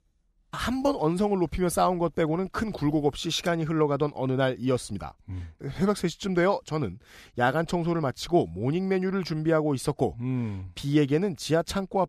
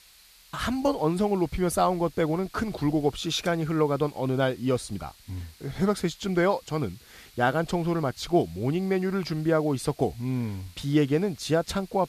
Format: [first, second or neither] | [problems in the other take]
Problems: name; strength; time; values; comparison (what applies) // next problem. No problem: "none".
first | hiss; faint; throughout; 25 dB below the speech